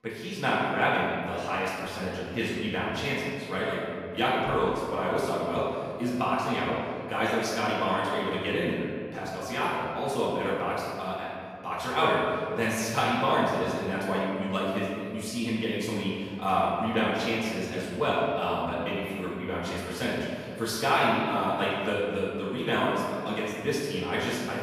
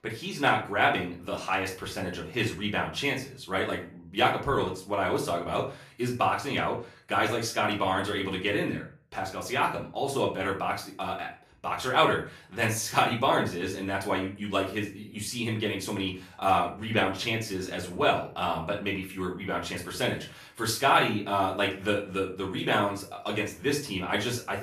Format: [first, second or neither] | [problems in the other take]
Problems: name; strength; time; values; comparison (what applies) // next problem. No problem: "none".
second | room echo; strong; dies away in 2 s; slight in the second // off-mic speech; far; far in the second